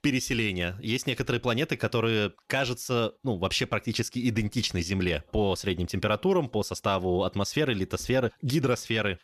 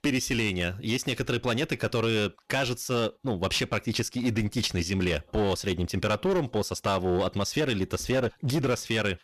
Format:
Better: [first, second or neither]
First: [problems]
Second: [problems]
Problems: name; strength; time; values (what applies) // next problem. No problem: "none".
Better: first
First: none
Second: distortion; slight; 12% of the sound clipped